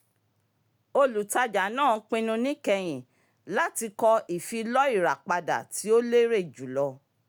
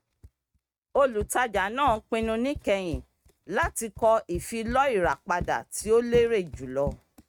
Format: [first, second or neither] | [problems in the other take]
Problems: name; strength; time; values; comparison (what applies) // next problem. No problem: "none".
first | noise reduction (neural mask model RNNoise)